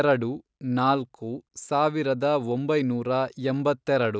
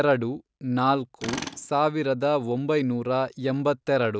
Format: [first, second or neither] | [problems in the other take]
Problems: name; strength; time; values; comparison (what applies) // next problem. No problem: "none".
first | background sound (Tools); 17 dB below the speech